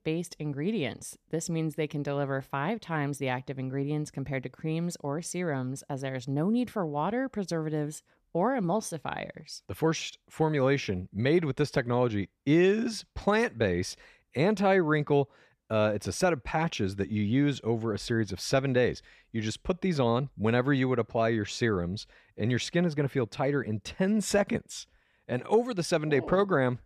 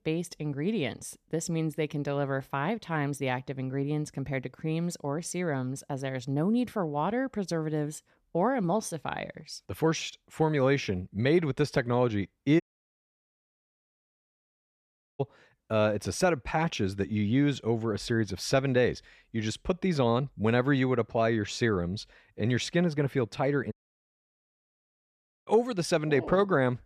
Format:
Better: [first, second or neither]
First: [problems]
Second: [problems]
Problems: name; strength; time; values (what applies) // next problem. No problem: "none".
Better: first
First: none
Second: audio cutting out; at 13 s for 2.5 s and at 24 s for 1.5 s